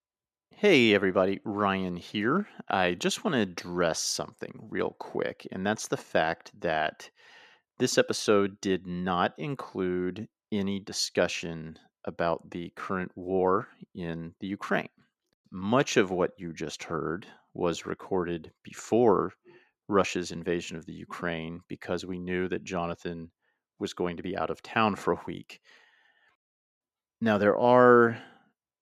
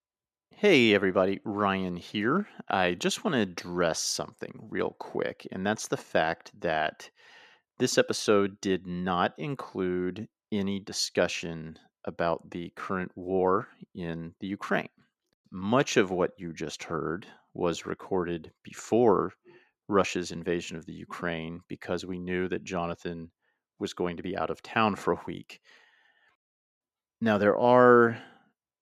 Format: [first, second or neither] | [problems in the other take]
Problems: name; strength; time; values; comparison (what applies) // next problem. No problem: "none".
neither | none